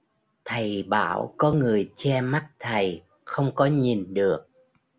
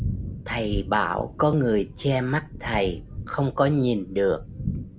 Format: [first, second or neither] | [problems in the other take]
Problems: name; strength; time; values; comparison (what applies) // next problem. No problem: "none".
first | background sound (Thunder); 9 dB below the speech